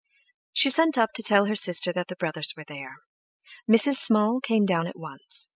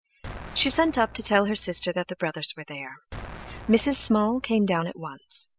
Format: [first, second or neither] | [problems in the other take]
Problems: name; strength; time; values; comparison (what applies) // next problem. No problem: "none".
first | background sound (Explosion); 16 dB below the speech